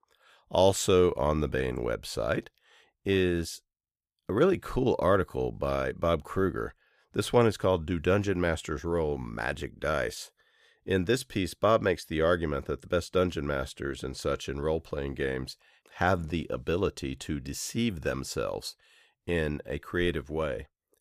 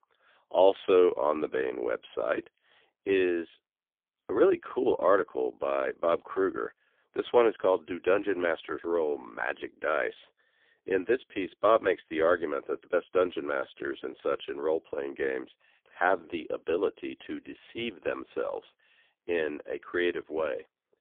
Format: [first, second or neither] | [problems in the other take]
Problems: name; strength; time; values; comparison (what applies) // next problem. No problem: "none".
first | phone-call audio; poor line; nothing above 3.5 kHz